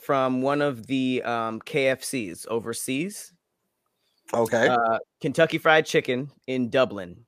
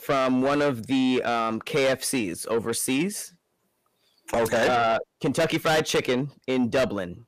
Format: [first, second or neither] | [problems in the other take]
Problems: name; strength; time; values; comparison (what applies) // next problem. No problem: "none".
first | distortion; heavy; 6 dB below the speech